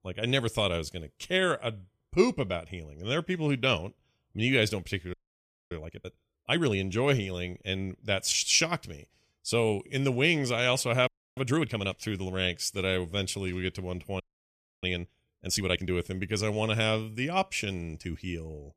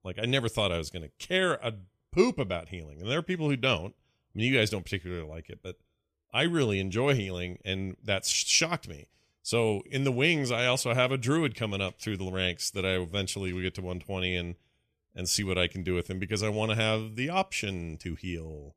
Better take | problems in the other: second | audio freezing; at 5 s for 0.5 s, at 11 s and at 14 s for 0.5 s

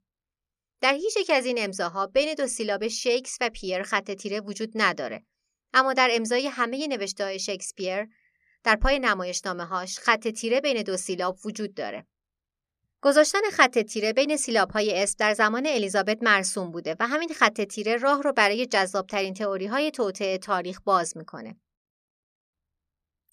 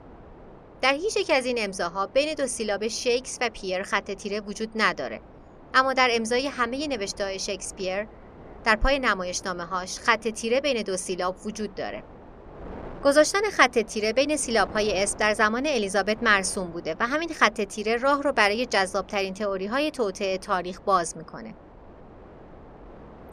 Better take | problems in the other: first | wind noise on the microphone; occasional gusts; 25 dB below the speech

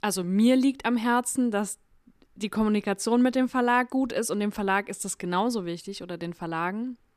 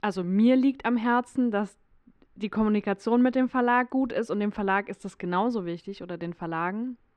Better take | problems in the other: first | muffled; slightly; fading above 2.5 kHz

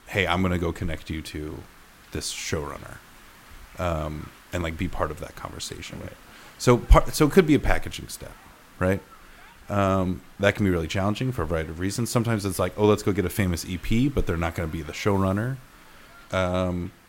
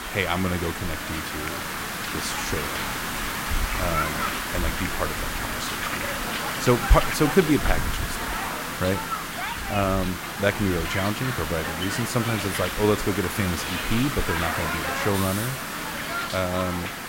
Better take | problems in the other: first | hiss; loud; throughout; 1 dB below the speech; faint in the first

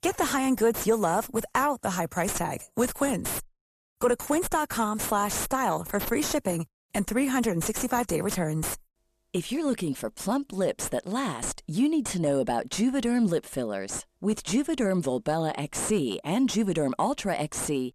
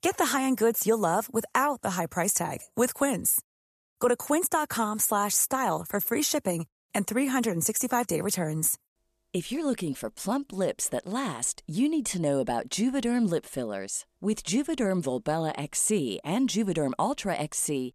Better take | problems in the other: second | distortion; slight; 6 dB below the speech

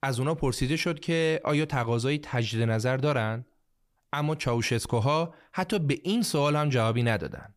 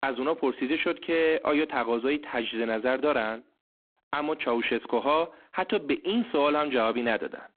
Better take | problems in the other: first | phone-call audio; poor line

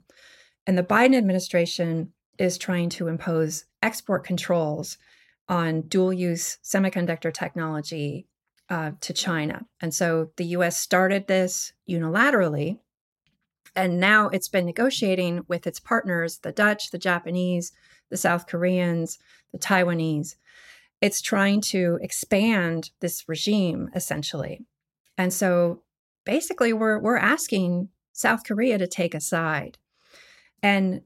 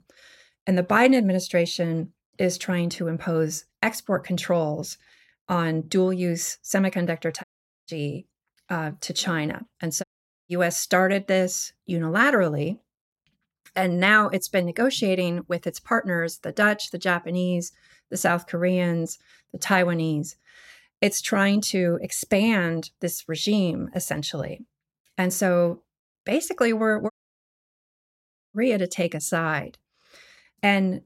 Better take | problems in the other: first | audio cutting out; at 7.5 s, at 10 s and at 27 s for 1.5 s

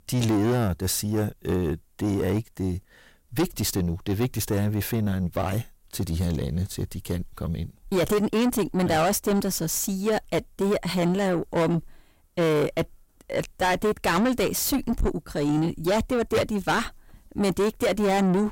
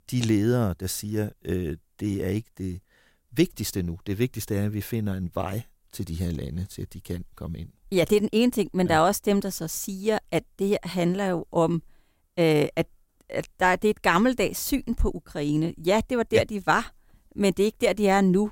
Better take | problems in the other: second | distortion; heavy; 7 dB below the speech

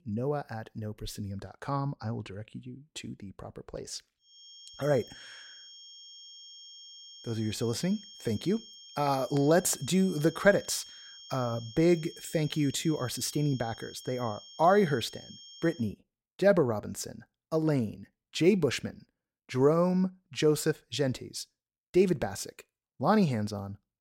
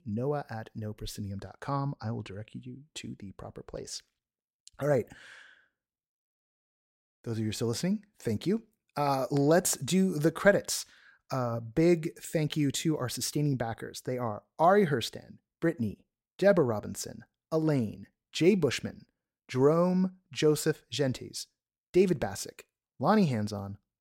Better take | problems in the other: second | high-pitched whine; noticeable; from 4.5 to 16 s; 3 kHz, 20 dB below the speech

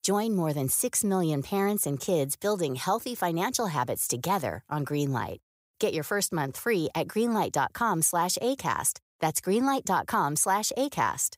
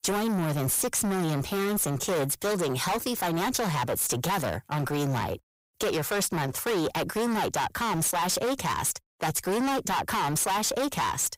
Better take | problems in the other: first | distortion; heavy; 32% of the sound clipped

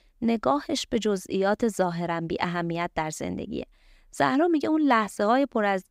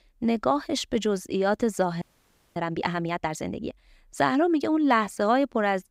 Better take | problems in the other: first | audio freezing; at 2 s for 0.5 s

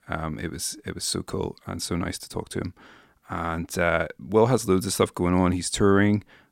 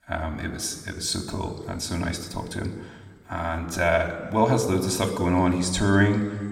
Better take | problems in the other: first | room echo; slight; dies away in 1.3 s

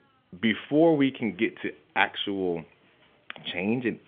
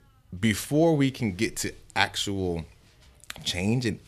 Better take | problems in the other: second | phone-call audio; nothing above 3.5 kHz

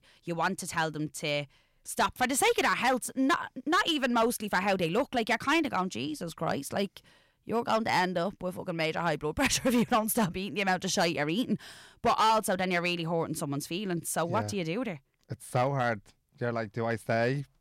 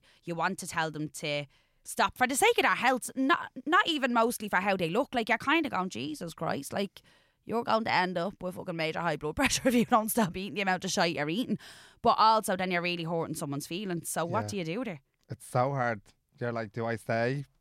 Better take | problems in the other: second | distortion; slight; 4% of the sound clipped

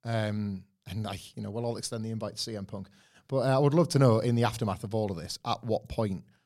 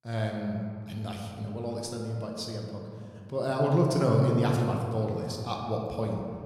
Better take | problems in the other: first | room echo; noticeable; dies away in 2.2 s

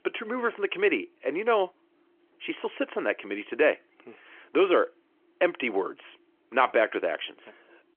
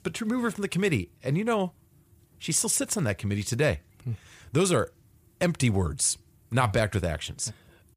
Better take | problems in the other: second | phone-call audio; nothing above 3 kHz

